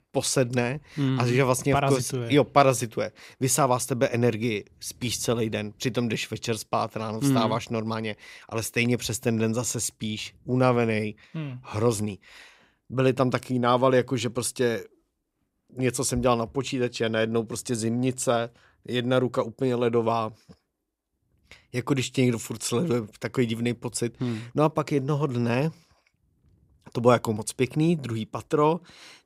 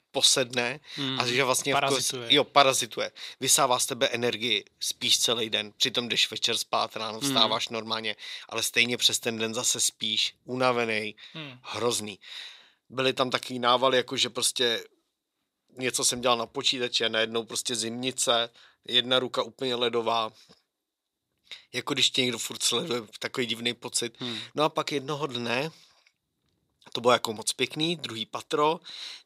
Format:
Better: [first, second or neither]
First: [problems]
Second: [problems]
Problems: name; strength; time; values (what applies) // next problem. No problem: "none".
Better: first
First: none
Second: thin; somewhat; fading below 650 Hz